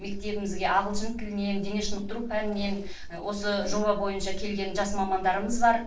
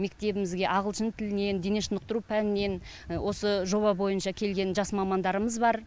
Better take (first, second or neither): second